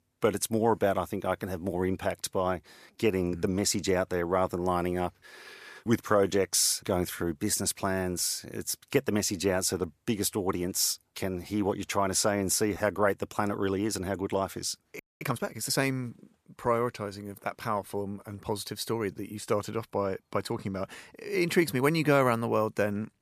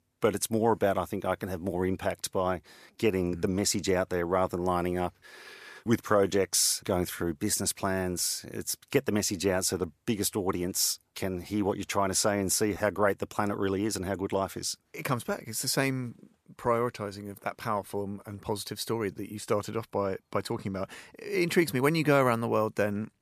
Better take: second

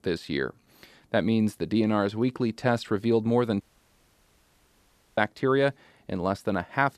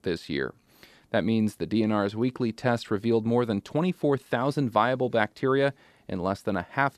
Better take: second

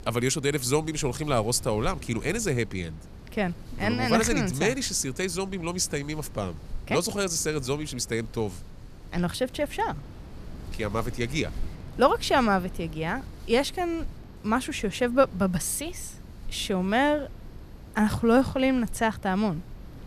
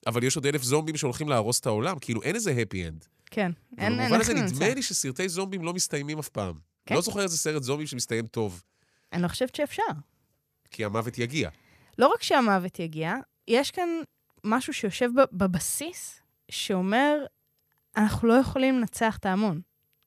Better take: second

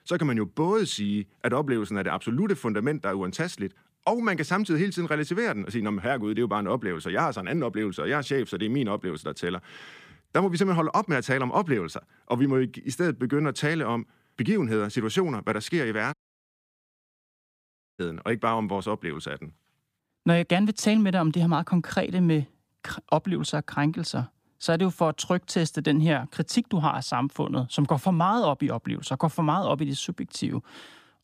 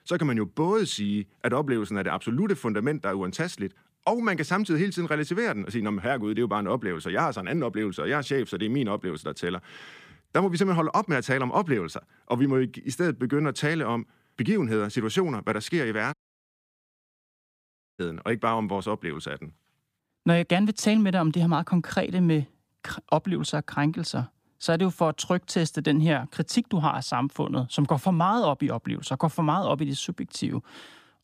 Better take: neither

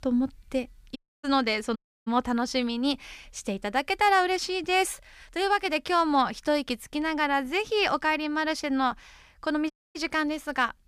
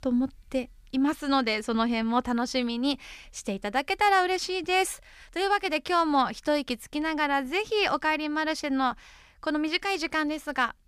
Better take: second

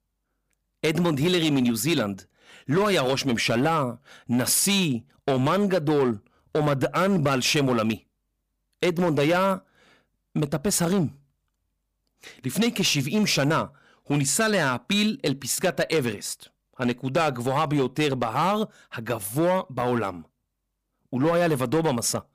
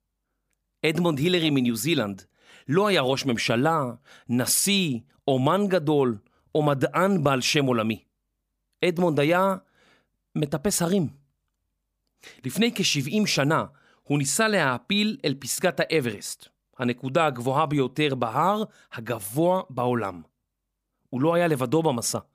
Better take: second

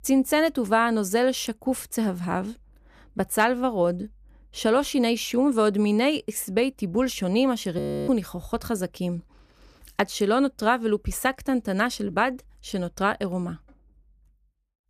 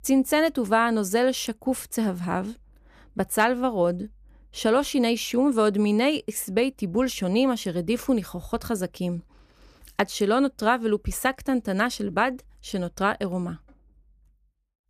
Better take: second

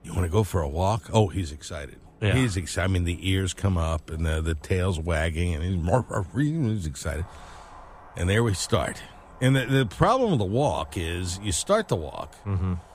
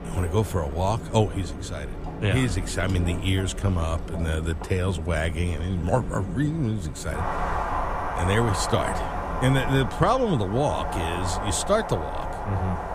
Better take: first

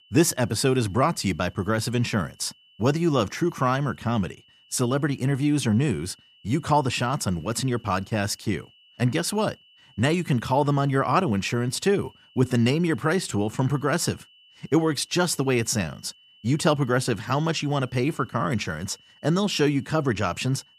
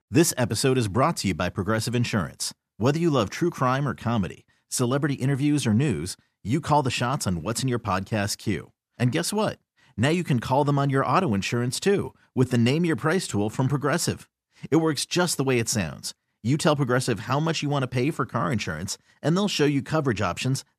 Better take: second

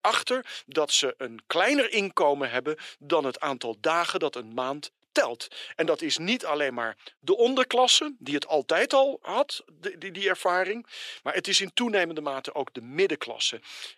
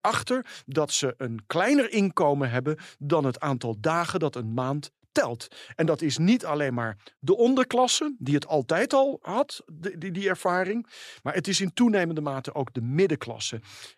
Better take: second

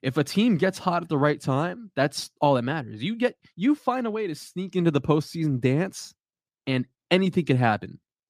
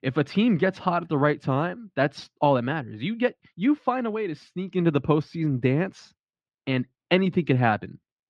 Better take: first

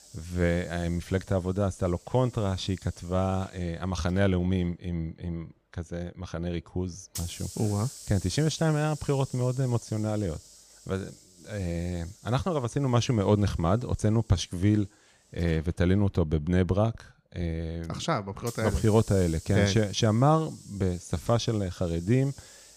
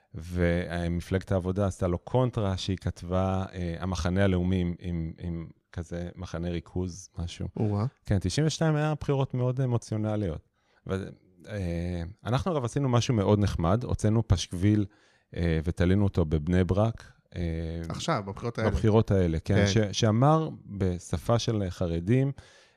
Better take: second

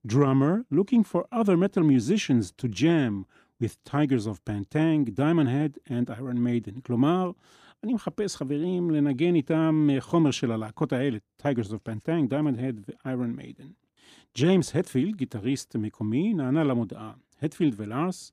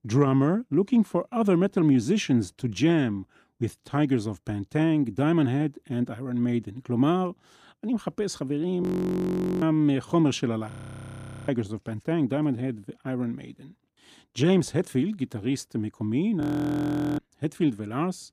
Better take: first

